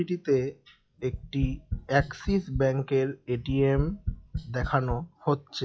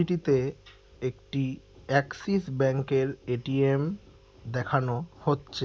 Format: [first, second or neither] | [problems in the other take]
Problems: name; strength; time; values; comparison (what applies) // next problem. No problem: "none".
second | noise reduction (classical method log-MMSE)